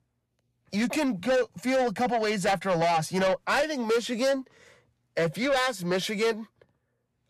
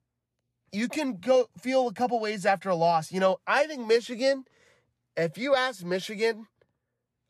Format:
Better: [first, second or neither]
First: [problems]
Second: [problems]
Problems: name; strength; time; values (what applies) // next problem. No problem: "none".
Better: second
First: distortion; heavy; 7 dB below the speech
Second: none